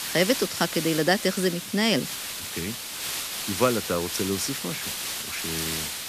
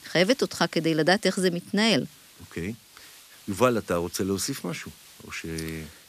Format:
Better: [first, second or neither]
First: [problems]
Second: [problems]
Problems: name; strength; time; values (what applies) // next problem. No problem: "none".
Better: second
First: hiss; loud; throughout; 4 dB below the speech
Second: hiss; faint; throughout; 25 dB below the speech